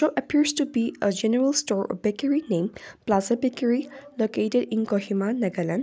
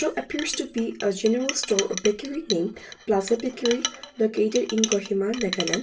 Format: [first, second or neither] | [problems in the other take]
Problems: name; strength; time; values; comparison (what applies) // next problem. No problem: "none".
first | background sound (Chink, clink); 9 dB below the speech // room echo; dies away in 0.2 s